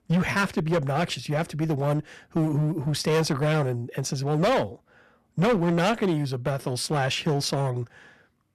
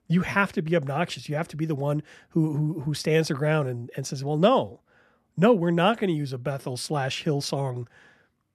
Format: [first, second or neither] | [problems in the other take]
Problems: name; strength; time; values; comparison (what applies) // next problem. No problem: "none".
second | distortion; heavy; 12% of the sound clipped